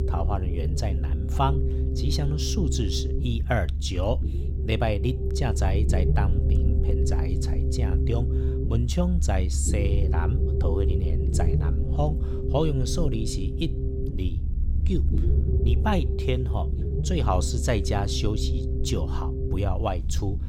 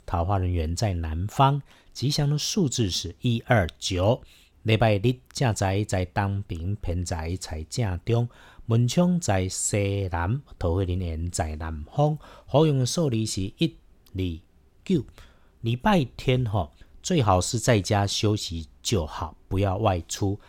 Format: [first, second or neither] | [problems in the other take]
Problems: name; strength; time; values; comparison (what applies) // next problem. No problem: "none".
second | low rumble; loud; throughout; 6 dB below the speech